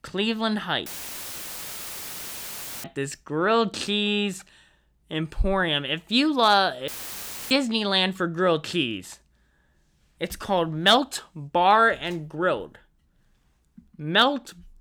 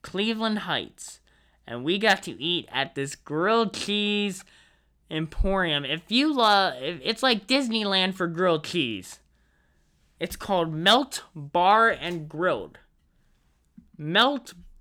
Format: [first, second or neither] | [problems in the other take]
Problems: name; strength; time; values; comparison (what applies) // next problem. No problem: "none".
second | audio cutting out; filled with static; at 1 s for 2 s and at 7 s for 0.5 s